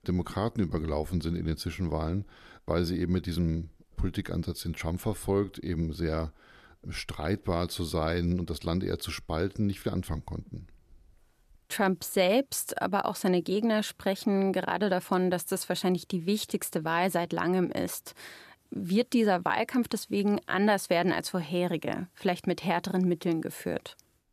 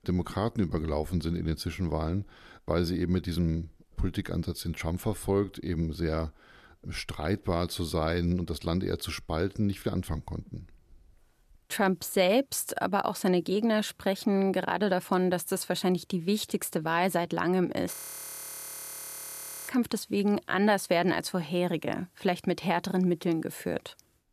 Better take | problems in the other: first | audio freezing; at 18 s for 2 s

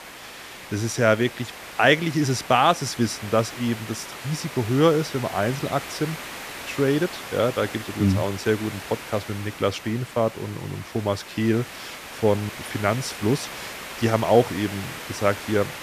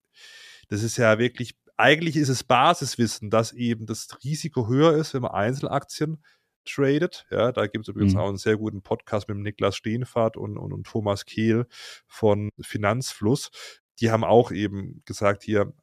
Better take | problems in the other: second | hiss; noticeable; throughout; 10 dB below the speech

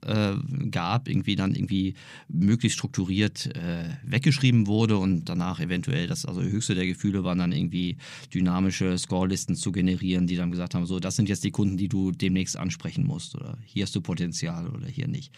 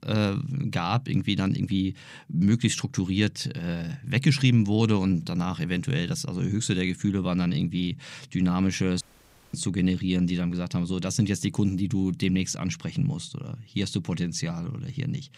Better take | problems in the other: first | audio cutting out; at 9 s for 0.5 s

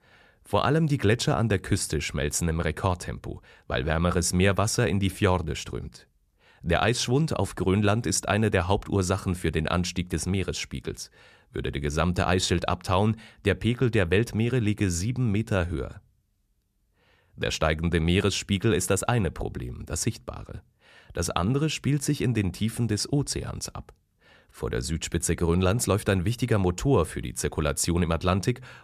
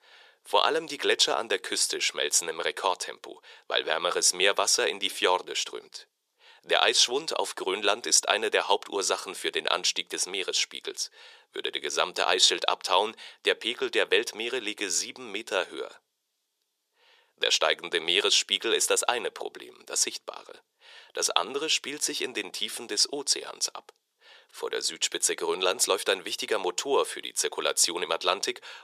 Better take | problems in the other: first | thin; very; fading below 400 Hz

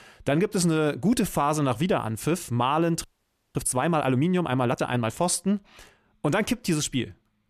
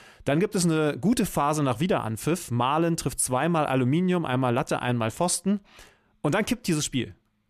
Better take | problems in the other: second | audio freezing; at 3 s for 0.5 s

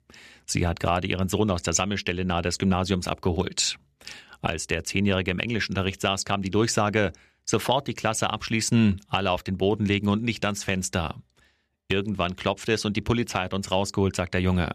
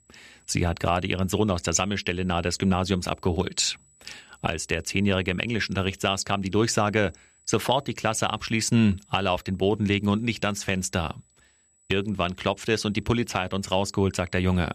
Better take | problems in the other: first | high-pitched whine; faint; throughout; 8 kHz, 35 dB below the speech

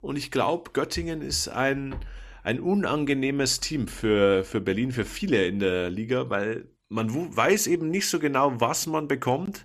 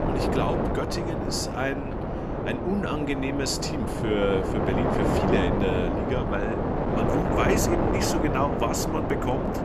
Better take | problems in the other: first | wind noise on the microphone; heavy; 1 dB above the speech

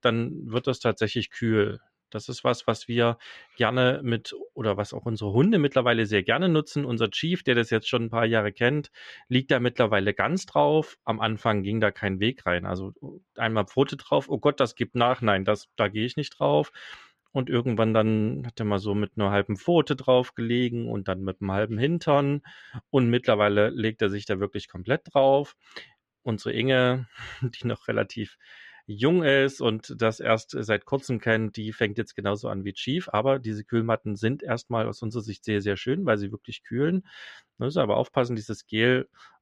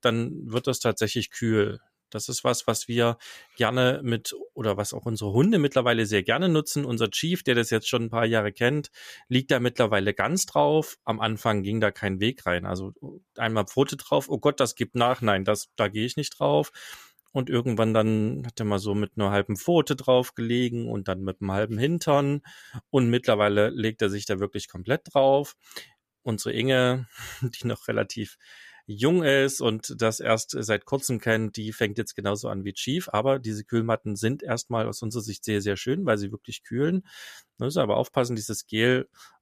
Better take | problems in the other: second | muffled; slightly; fading above 3 kHz

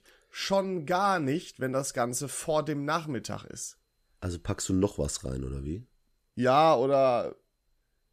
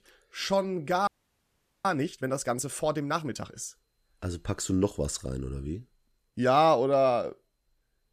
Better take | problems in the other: first | audio freezing; at 1 s for 1 s

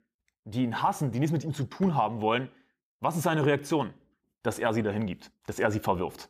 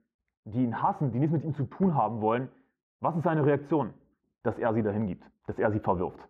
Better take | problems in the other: first | muffled; very; fading above 3 kHz

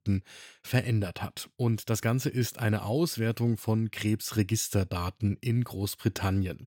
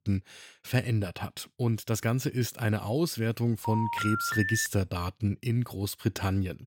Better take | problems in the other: first | phone ringing; loud; from 3.5 to 4.5 s; peak level with the speech

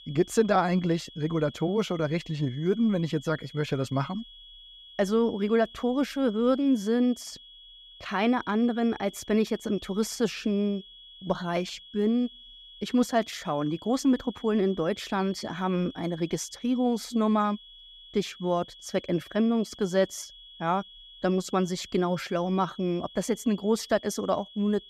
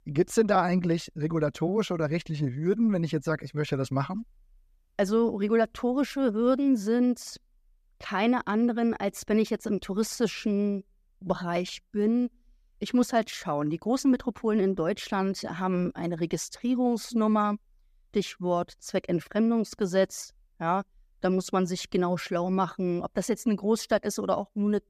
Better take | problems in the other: second | high-pitched whine; noticeable; throughout; 3.5 kHz, 20 dB below the speech

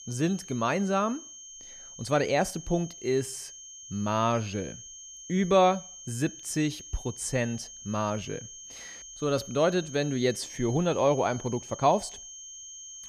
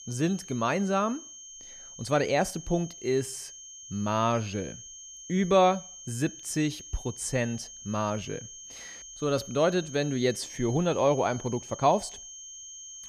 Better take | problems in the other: neither | high-pitched whine; noticeable; throughout; 6.5 kHz, 15 dB below the speech; the same in both

